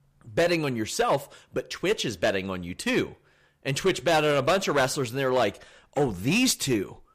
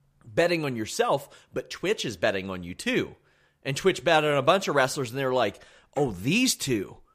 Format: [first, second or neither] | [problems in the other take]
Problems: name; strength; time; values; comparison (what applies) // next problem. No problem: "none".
second | distortion; slight; 5% of the sound clipped